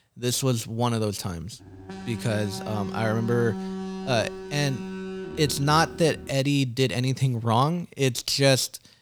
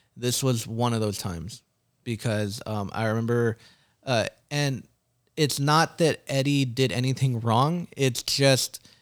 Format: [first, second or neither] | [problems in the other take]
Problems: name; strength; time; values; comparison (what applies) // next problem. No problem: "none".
second | alarm; noticeable; from 1.5 to 6.5 s; peak 8 dB below the speech